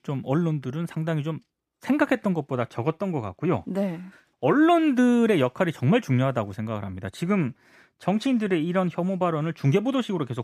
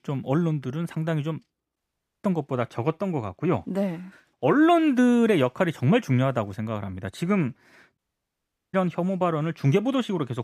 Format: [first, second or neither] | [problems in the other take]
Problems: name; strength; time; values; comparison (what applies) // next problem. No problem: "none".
first | audio cutting out; at 2 s and at 8 s for 1 s